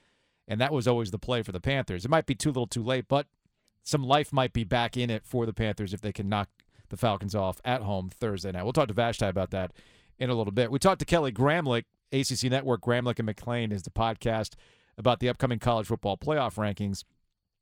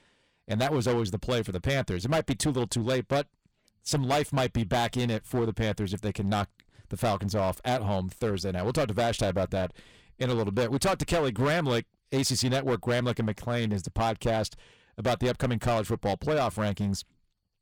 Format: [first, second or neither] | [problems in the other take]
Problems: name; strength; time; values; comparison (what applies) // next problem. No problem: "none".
first | distortion; heavy; 11% of the sound clipped